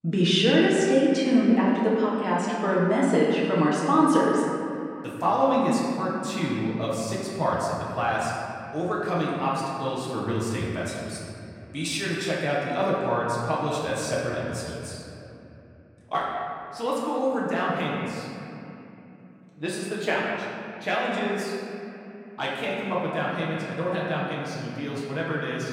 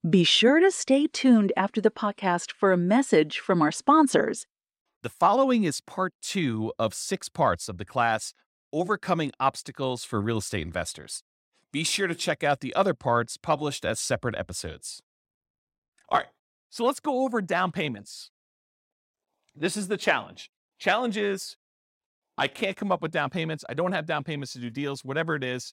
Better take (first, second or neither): second